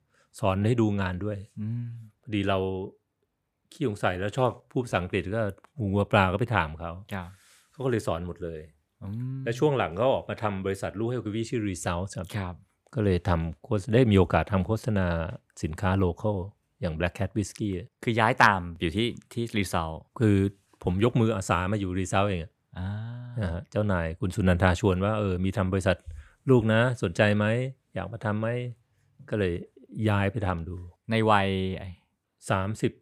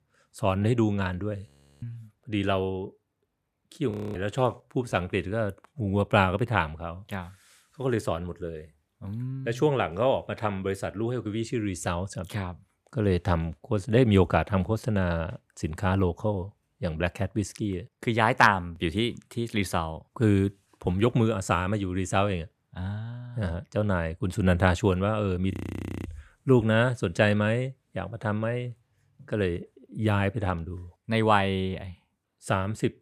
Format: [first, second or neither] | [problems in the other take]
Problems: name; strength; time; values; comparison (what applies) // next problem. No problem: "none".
first | audio freezing; at 1.5 s, at 4 s and at 26 s for 0.5 s